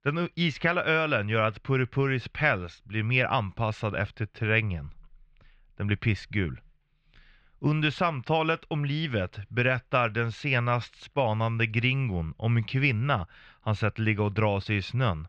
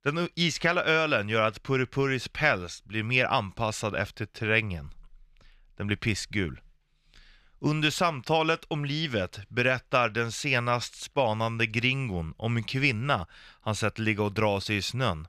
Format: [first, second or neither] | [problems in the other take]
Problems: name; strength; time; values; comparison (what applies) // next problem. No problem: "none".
second | muffled; slightly; fading above 2.5 kHz